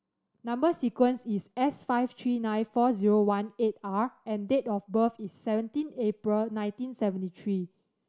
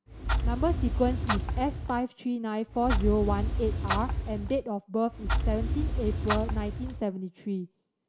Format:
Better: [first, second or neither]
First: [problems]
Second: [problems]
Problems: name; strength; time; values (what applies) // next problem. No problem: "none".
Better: first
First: none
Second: background sound (Clock); 2 dB above the speech